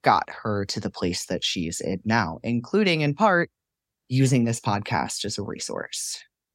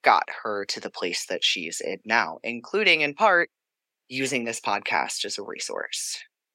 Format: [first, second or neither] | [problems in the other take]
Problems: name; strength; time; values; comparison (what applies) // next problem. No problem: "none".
first | thin; somewhat; fading below 450 Hz